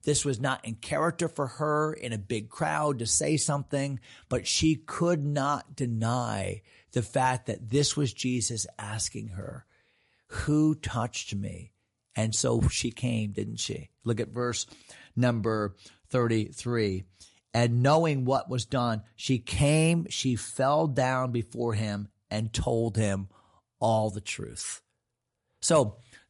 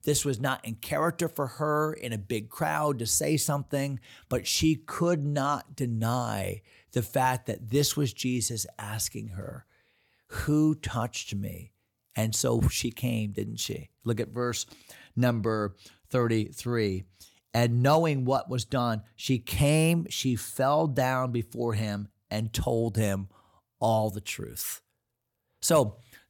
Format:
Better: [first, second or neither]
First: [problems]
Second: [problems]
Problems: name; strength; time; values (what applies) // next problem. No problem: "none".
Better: second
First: garbled, watery; slightly; nothing above 11 kHz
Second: none